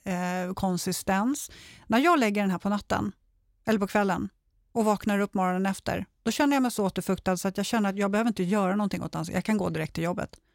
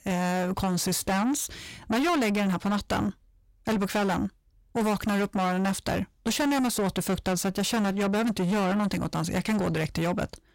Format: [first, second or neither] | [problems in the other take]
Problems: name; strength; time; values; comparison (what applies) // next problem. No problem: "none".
first | distortion; heavy; 8 dB below the speech